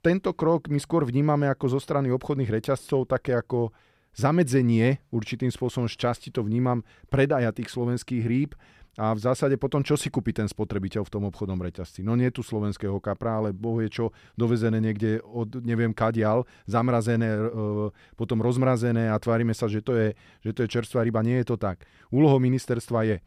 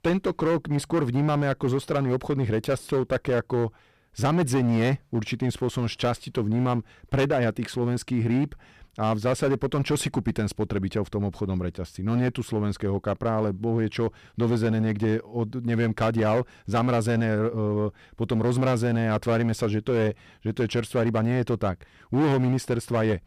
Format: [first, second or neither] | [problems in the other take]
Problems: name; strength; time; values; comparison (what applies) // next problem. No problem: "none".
first | distortion; slight; 10% of the sound clipped